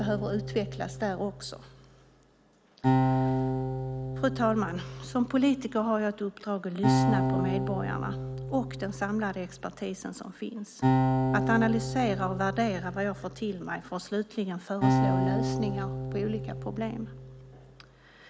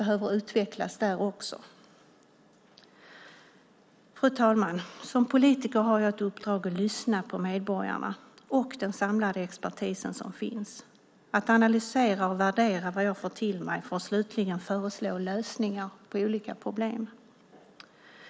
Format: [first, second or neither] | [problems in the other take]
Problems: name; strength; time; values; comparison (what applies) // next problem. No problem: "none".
second | background sound (Acoustic guitar); 1 dB above the speech